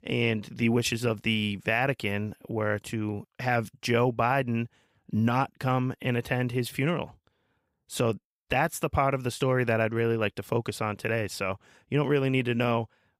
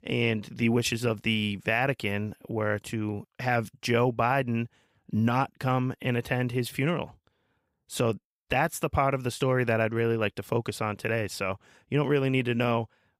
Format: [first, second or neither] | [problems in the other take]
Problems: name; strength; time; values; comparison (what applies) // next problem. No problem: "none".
neither | none